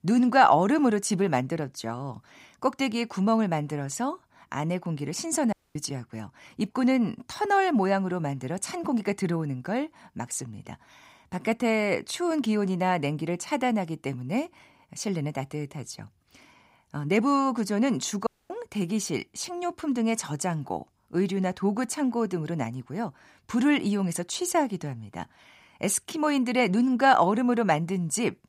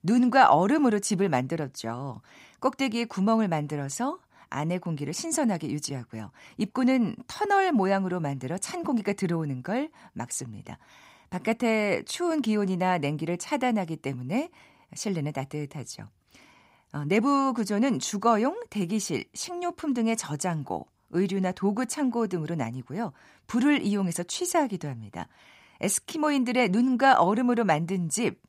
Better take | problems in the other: second | audio cutting out; at 5.5 s and at 18 s

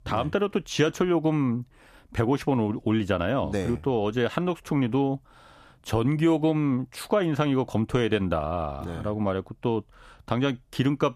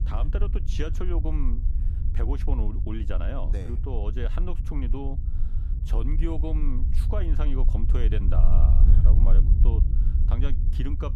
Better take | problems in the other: first | low rumble; loud; throughout; 6 dB below the speech

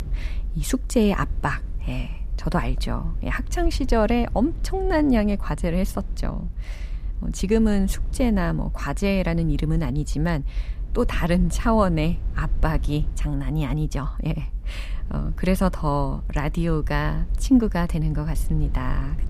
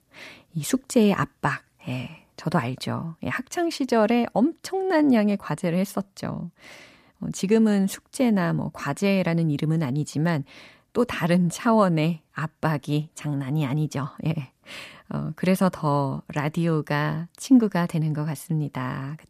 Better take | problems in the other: second | low rumble; faint; throughout; 25 dB below the speech

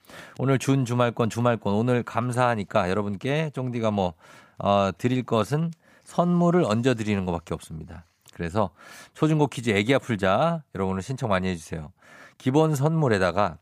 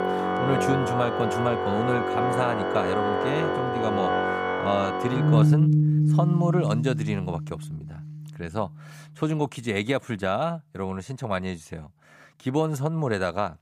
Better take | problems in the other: first | background music; very loud; throughout; 4 dB above the speech

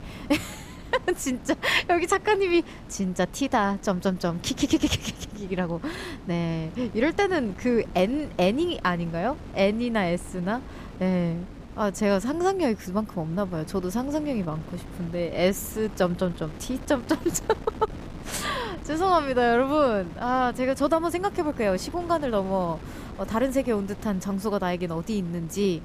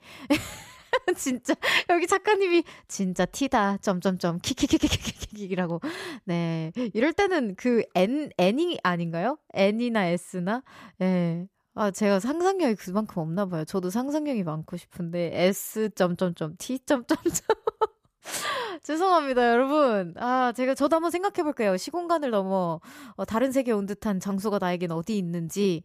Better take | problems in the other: second | wind noise on the microphone; occasional gusts; 20 dB below the speech

